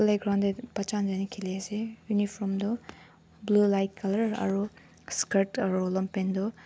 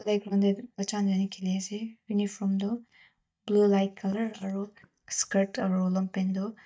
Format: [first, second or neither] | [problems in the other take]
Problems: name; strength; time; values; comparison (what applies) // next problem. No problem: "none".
first | noise reduction (neural mask model DeepFilterNet 3)